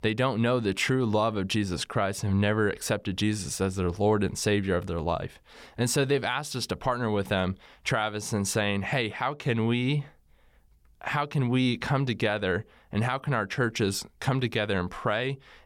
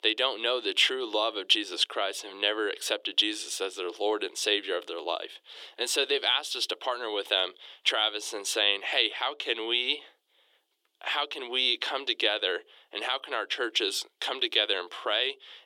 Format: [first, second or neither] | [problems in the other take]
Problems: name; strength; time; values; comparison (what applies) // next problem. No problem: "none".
first | thin; very; fading below 350 Hz